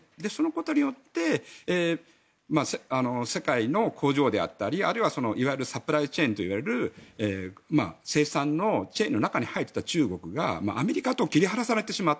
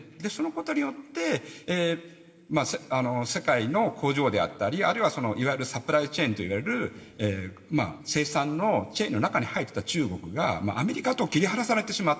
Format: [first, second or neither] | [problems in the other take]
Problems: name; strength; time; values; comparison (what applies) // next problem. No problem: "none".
first | room echo; dies away in 1.5 s